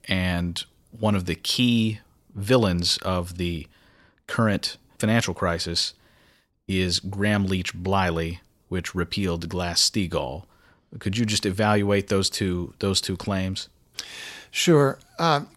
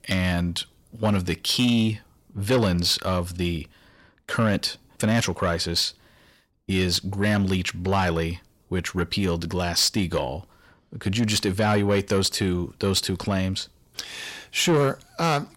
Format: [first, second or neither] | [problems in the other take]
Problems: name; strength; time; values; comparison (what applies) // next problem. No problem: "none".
first | distortion; slight; 10 dB below the speech